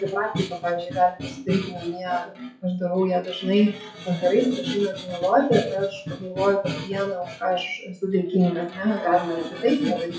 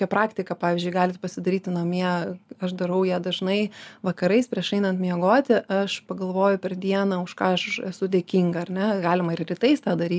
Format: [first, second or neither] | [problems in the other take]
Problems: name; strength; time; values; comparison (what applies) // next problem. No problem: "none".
second | noise reduction (classical method WPE with log-MMSE)